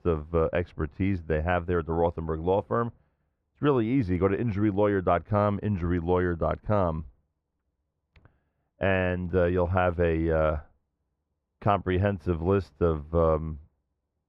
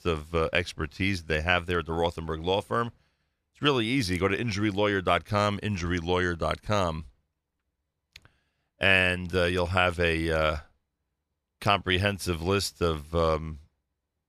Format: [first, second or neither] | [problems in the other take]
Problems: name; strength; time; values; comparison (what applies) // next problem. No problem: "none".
second | muffled; very; fading above 3 kHz